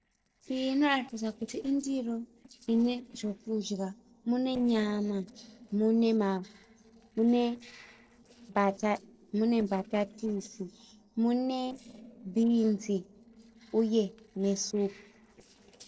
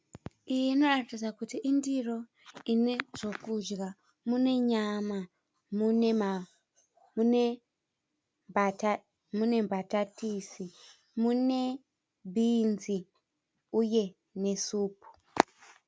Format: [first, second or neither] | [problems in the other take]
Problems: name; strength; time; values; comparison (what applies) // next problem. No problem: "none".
second | noise reduction (neural separator model SepFormer DNS4)